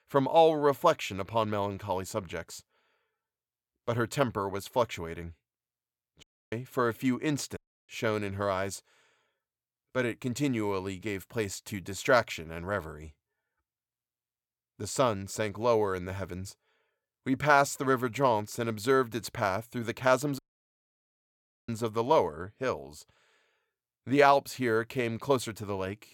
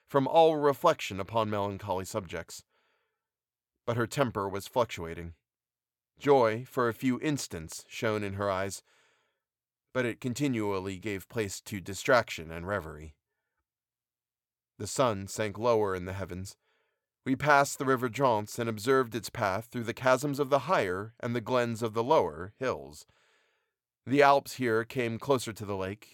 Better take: second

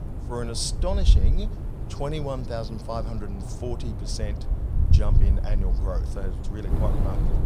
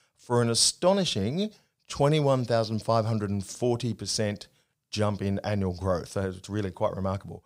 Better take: second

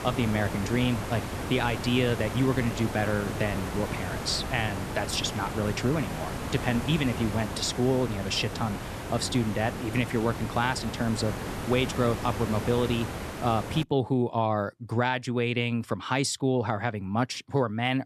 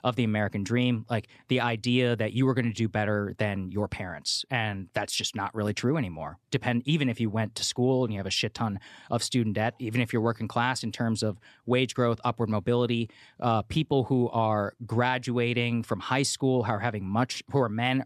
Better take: second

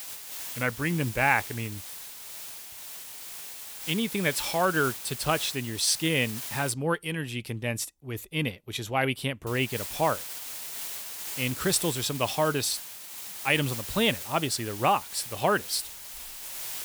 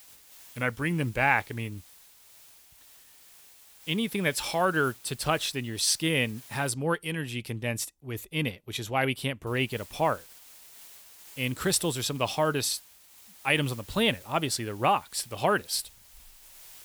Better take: second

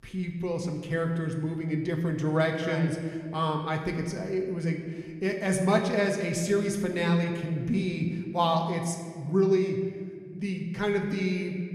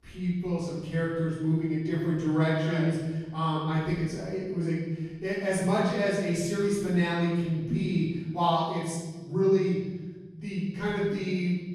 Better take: first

